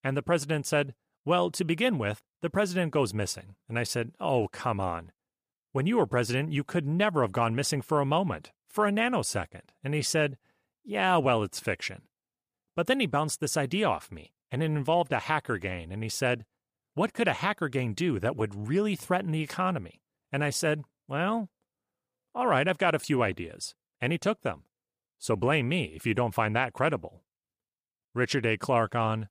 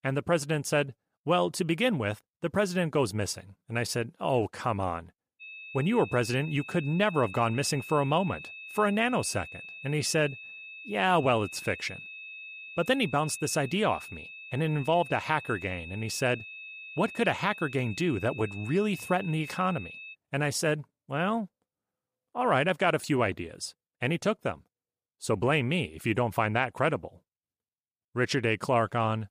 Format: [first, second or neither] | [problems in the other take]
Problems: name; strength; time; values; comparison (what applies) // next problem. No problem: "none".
first | high-pitched whine; noticeable; from 5.5 to 20 s; 2.5 kHz, 15 dB below the speech